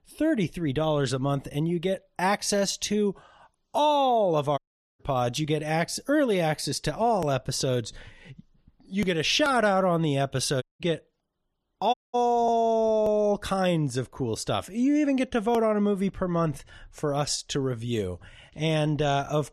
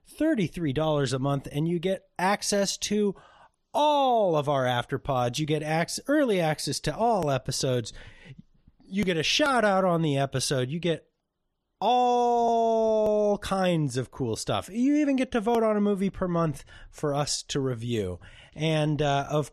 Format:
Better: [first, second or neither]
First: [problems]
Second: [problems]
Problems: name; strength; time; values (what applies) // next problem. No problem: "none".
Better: second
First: audio cutting out; at 4.5 s, at 11 s and at 12 s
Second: none